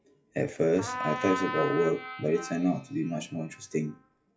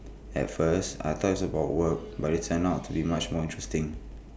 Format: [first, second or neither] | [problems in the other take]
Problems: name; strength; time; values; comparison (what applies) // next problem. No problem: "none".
second | noise reduction (classical method WPE with log-MMSE)